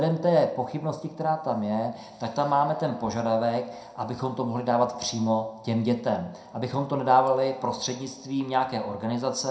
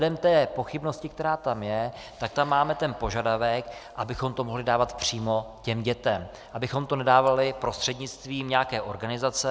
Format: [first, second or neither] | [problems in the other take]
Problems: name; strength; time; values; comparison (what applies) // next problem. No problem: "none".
second | room echo; dies away in 0.4 s